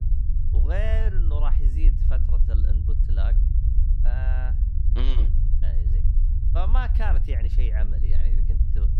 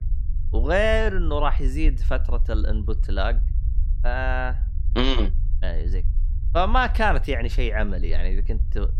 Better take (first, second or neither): second